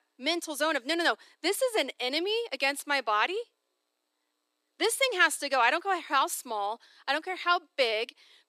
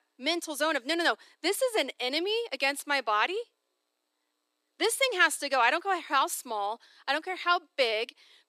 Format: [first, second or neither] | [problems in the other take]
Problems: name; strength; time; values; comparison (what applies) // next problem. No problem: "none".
neither | thin; very slightly; fading below 300 Hz; the same in both